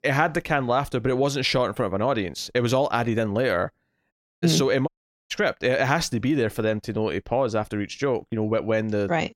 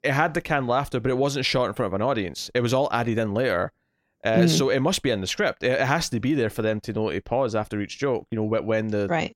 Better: second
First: audio cutting out; at 4 s and at 5 s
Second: none

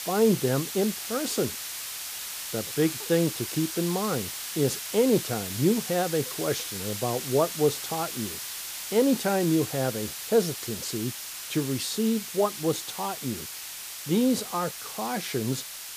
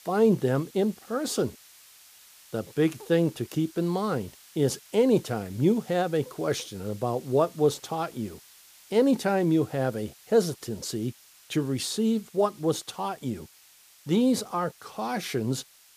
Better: second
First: hiss; loud; throughout; 6 dB below the speech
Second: hiss; faint; throughout; 25 dB below the speech

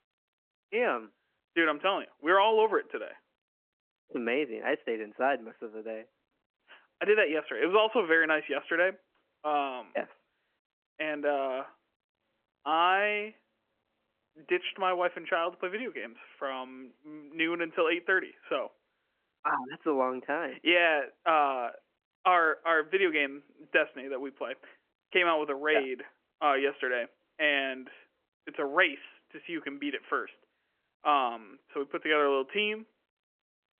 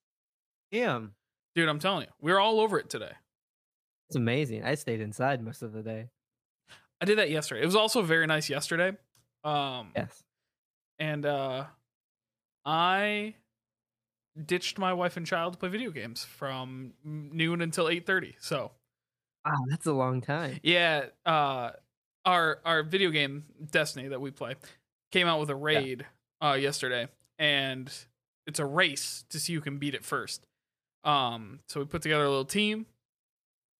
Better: second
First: phone-call audio; nothing above 3 kHz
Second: none

